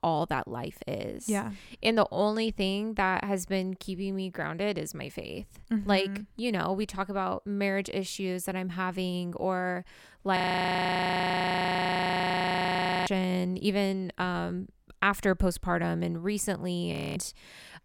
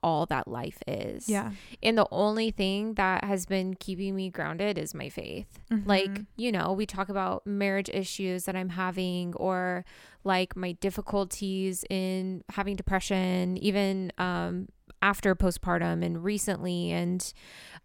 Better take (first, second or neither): second